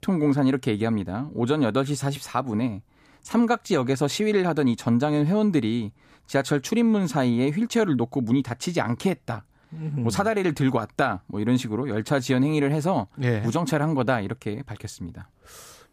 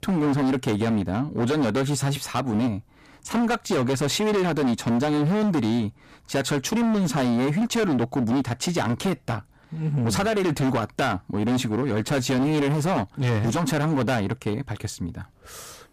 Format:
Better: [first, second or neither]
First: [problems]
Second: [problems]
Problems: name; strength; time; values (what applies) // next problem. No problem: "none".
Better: first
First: none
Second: distortion; heavy; 23% of the sound clipped